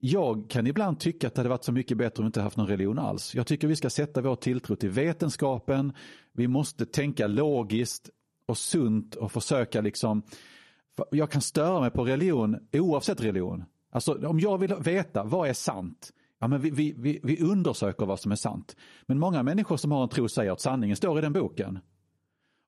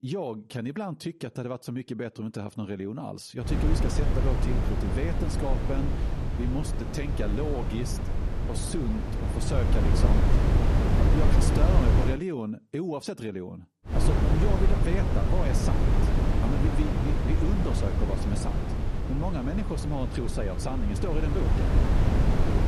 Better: first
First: none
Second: wind noise on the microphone; heavy; from 3.5 to 12 s and from 14 s on; 1 dB above the speech

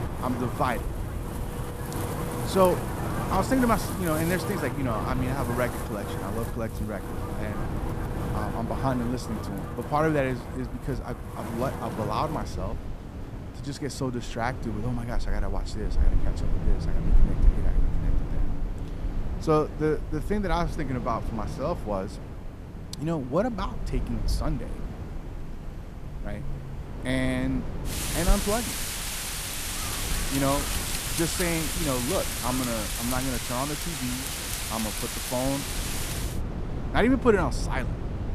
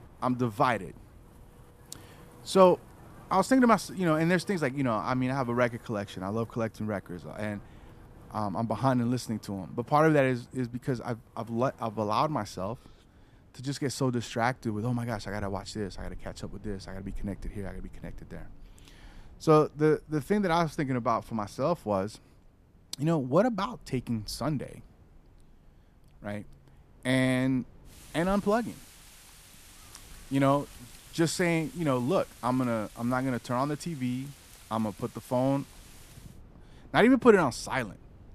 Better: second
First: wind in the background; loud; throughout; 2 dB below the speech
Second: wind in the background; faint; throughout; 25 dB below the speech

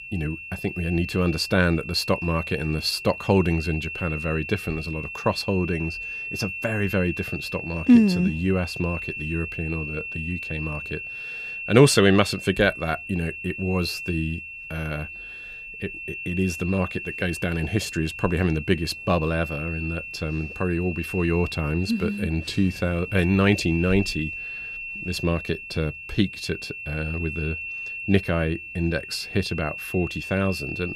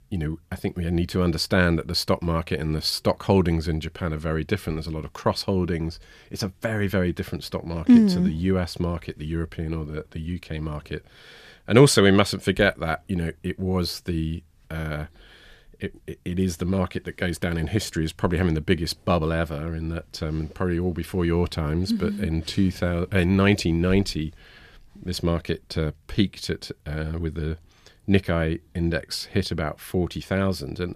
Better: second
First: high-pitched whine; loud; throughout; 2.5 kHz, 8 dB below the speech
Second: none

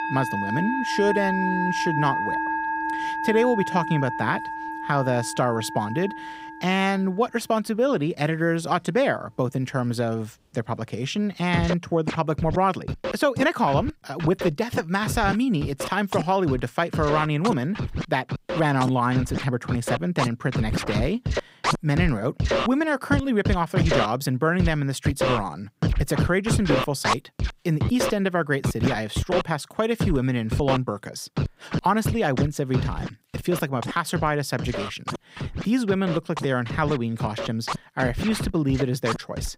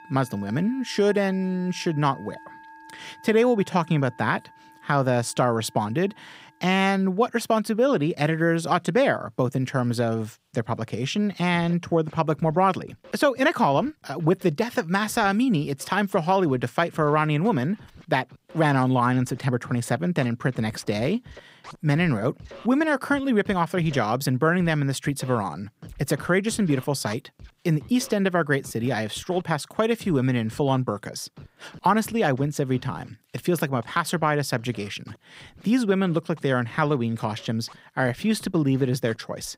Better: second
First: background music; loud; throughout; 4 dB below the speech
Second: background music; faint; throughout; 25 dB below the speech

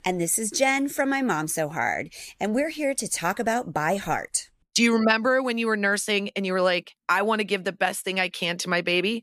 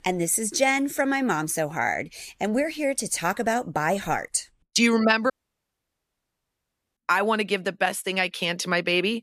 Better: first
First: none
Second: audio cutting out; at 5.5 s for 1.5 s

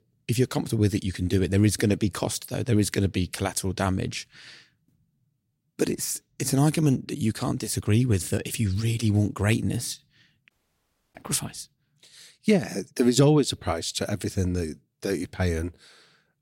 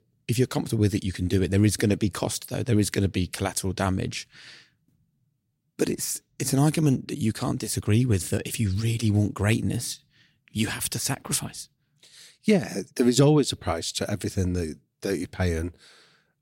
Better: second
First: audio cutting out; at 11 s for 0.5 s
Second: none

